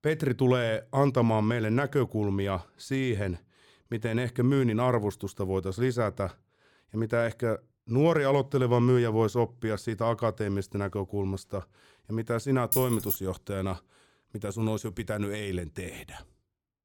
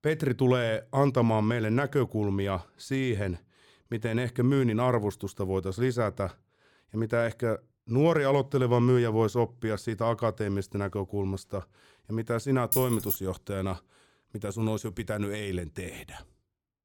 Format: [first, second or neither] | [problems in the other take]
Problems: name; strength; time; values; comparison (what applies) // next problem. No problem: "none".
neither | jangling keys; noticeable; at 13 s; peak level with the speech; the same in both